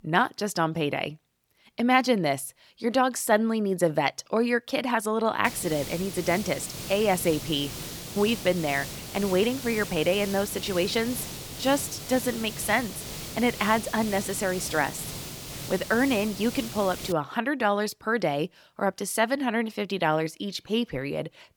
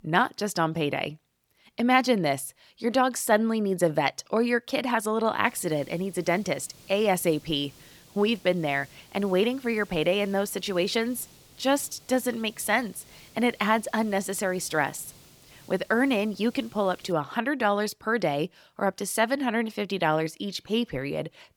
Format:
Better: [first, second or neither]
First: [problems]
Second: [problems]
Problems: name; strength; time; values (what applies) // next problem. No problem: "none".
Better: second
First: hiss; loud; from 5.5 to 17 s; 10 dB below the speech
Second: hiss; faint; from 5.5 to 17 s; 25 dB below the speech